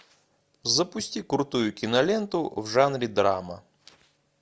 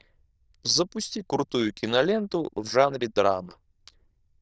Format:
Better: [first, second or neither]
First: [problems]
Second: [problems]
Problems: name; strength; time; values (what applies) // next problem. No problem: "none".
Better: first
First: none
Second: noise reduction (neural diffusion model UNIVERSE++)